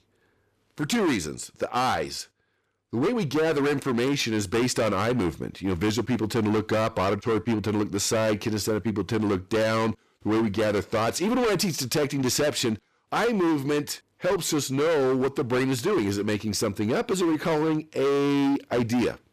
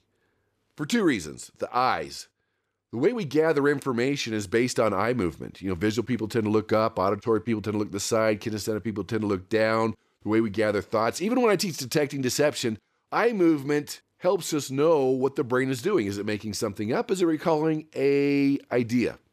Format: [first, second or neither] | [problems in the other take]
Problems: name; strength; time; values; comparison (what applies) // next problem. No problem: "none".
second | distortion; heavy; 21% of the sound clipped